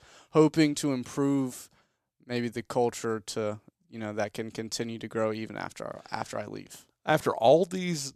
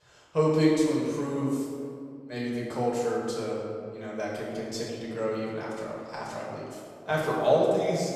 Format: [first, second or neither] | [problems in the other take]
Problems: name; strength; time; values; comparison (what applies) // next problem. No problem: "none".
first | room echo; strong; dies away in 1.9 s // off-mic speech; far